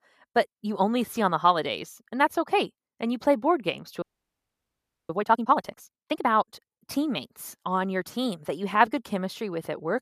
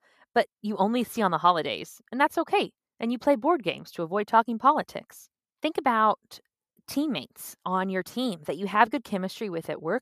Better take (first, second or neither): second